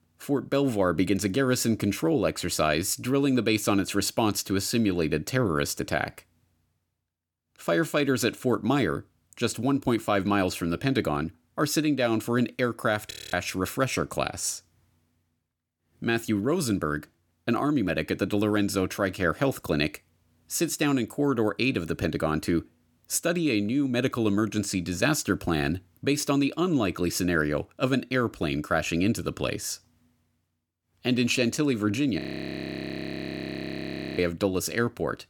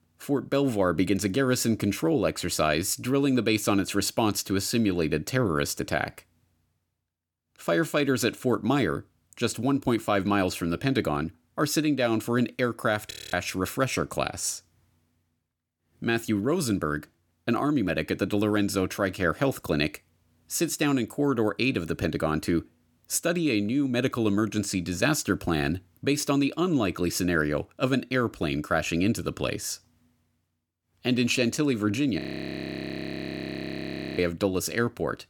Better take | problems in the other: neither | audio freezing; at 13 s and at 32 s for 2 s; the same in both

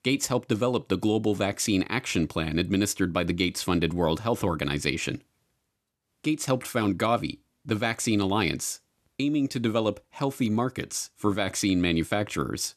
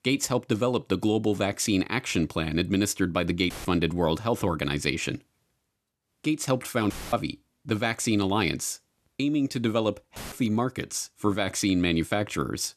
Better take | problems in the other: first | audio cutting out; filled with static; at 3.5 s, at 7 s and at 10 s

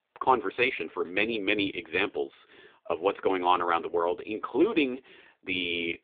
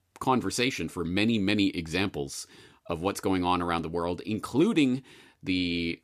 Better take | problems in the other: second | phone-call audio; poor line

